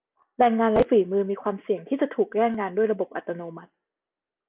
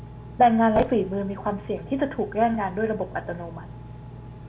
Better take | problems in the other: first | background sound (Engine); 15 dB below the speech // room echo; dies away in 0.5 s

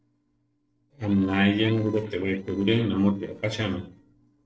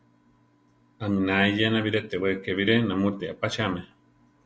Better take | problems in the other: second | noise reduction (neural separator model SepFormer DNS4)

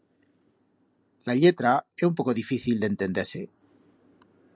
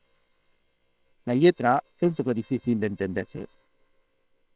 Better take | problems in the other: first | noise reduction (neural separator model SepFormer WHAM!)

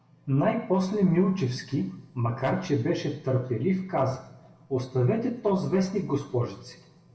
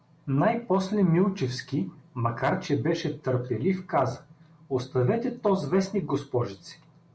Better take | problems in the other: second | room echo; dies away in 1 s

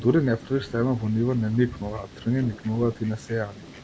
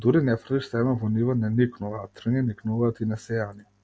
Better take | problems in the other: second | background sound (Rain + Fowl); 17 dB below the speech

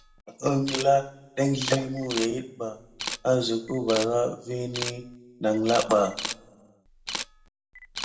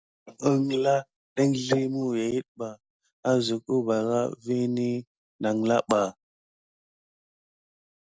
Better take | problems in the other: second | background sound (Camera); 10 dB below the speech // room echo; dies away in 1.1 s

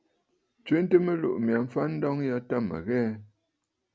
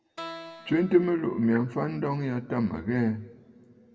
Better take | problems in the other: first | background sound (Keyboard (musical)); 19 dB below the speech // room echo; dies away in 1.7 s

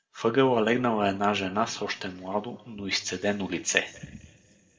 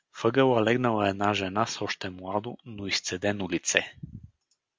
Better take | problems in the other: second | room echo; dies away in 1.4 s

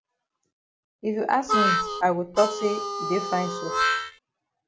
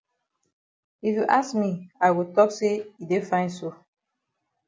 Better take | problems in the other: second | background sound (Harmonica); 1 dB above the speech

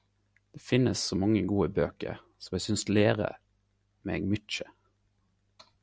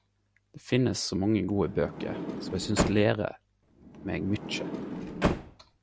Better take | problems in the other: first | background sound (Sliding door); 4 dB below the speech

